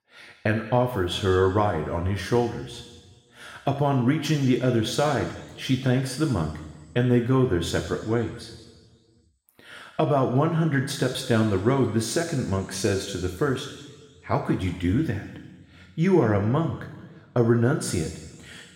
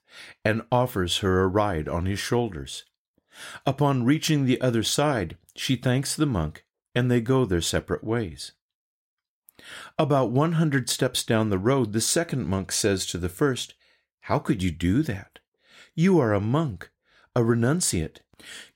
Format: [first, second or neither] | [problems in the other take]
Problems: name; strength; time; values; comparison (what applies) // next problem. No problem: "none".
second | room echo; noticeable; dies away in 1.5 s // off-mic speech; somewhat distant